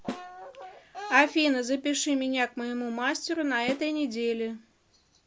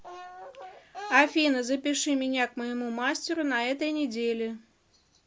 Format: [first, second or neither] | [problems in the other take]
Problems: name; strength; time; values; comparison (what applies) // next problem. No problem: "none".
second | background sound (Snare drum); 15 dB below the speech